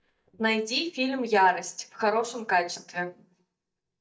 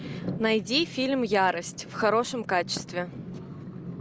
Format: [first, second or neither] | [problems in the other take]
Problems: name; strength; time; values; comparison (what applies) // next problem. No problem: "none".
second | noise reduction (neural mask model DeepFilterNet 3)